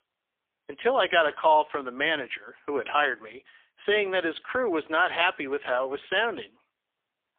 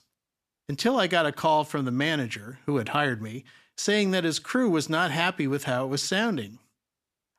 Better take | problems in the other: second | phone-call audio; poor line; nothing above 3.5 kHz

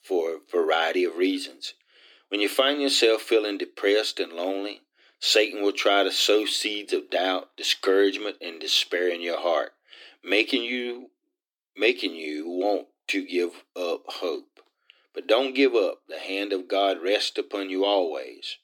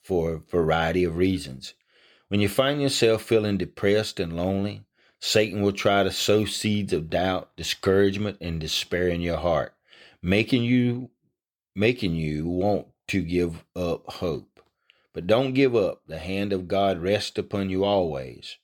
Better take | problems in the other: second | thin; very slightly; fading below 300 Hz

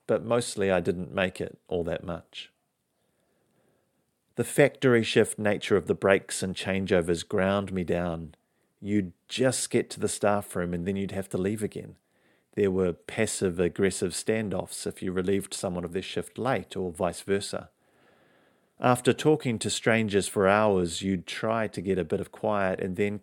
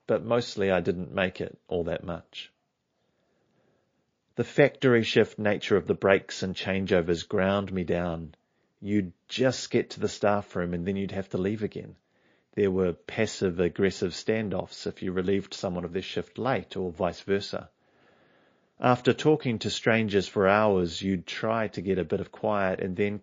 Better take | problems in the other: first | garbled, watery; slightly

